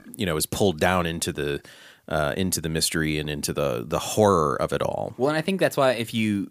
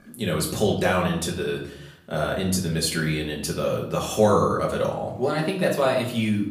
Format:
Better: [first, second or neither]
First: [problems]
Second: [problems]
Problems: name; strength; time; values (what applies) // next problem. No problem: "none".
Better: first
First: none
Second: room echo; slight; dies away in 0.6 s // off-mic speech; far